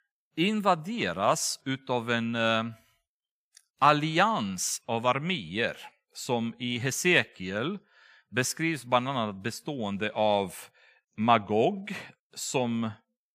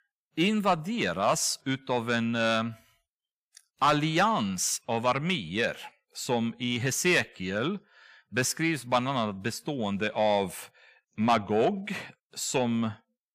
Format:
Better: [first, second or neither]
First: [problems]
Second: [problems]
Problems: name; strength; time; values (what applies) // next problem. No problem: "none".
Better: first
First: none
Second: distortion; slight; 10 dB below the speech